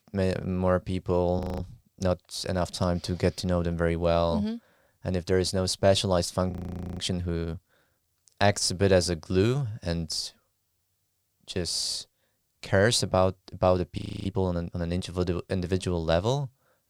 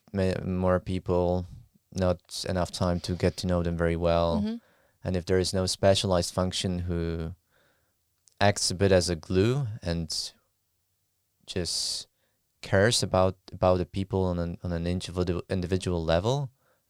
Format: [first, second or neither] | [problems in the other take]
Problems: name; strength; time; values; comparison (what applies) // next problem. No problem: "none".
second | audio freezing; at 1.5 s, at 6.5 s and at 14 s